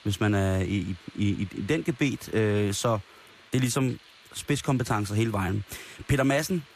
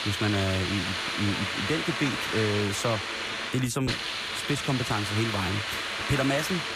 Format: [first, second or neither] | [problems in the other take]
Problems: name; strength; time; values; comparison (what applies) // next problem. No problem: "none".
first | hiss; loud; throughout; as loud as the speech; faint in the first